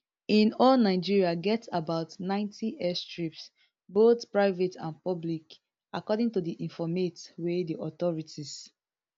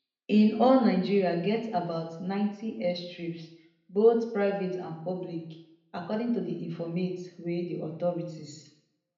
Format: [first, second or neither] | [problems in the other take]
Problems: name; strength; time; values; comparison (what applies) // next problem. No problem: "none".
first | room echo; dies away in 0.7 s